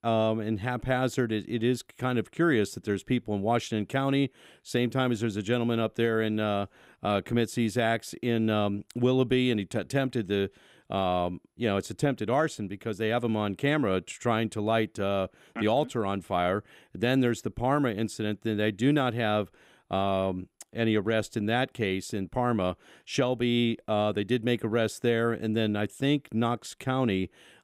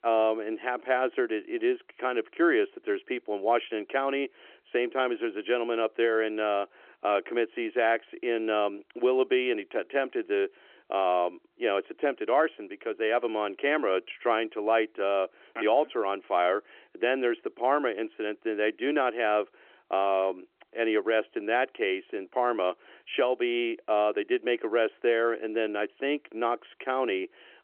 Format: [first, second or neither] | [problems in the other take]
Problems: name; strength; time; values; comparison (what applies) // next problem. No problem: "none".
first | phone-call audio; nothing above 3 kHz